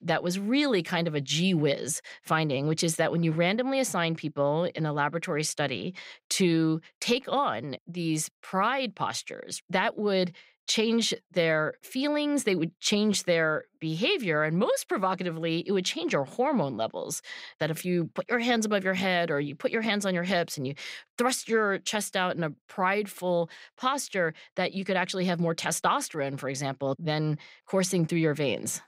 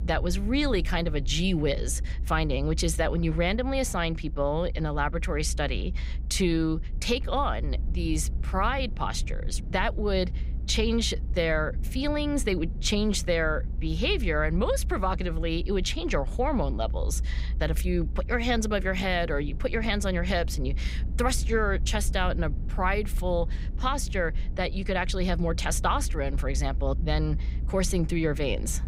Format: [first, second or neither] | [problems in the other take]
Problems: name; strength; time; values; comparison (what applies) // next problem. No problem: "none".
first | low rumble; faint; throughout; 20 dB below the speech